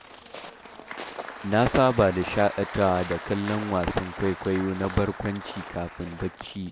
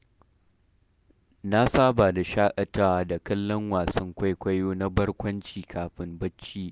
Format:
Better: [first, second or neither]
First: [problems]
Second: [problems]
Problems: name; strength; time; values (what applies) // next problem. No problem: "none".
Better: second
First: background sound (Applause + Walk, footsteps); 12 dB below the speech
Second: none